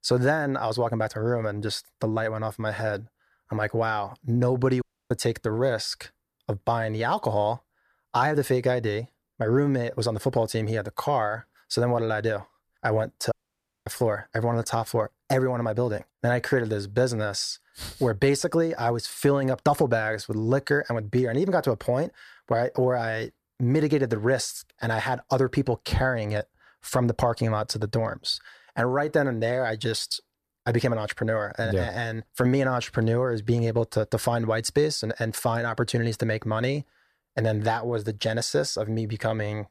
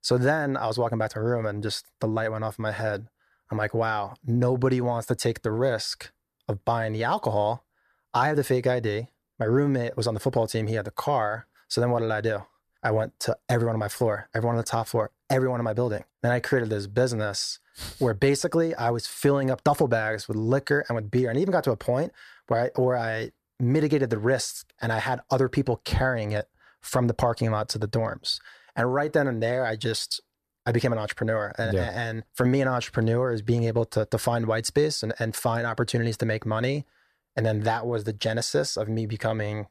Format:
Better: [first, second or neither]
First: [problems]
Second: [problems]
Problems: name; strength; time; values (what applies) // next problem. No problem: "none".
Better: second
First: audio cutting out; at 5 s and at 13 s for 0.5 s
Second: none